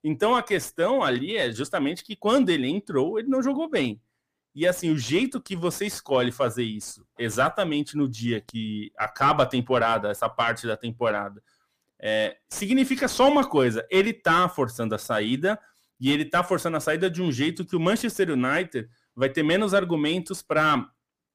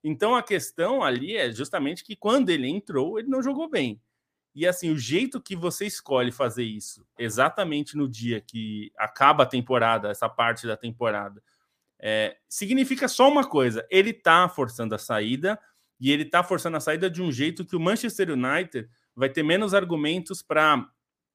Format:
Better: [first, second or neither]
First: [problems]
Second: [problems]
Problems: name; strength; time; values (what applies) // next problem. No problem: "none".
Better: second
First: distortion; slight; 10 dB below the speech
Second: none